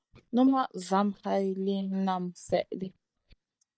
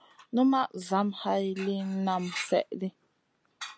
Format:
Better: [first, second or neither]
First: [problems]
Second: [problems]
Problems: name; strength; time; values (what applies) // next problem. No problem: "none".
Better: second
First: noise reduction (neural mask model DeepFilterNet 3)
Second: none